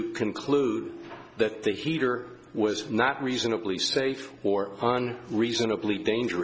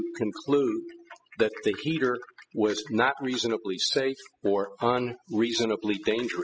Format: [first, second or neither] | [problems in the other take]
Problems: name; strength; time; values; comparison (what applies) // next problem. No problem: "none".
first | noise reduction (classical method spectral subtraction)